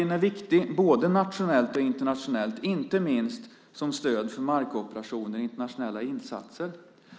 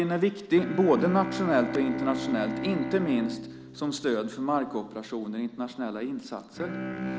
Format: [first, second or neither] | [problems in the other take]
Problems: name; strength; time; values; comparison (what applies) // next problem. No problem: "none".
first | background sound (Bowed string instrument); 8 dB below the speech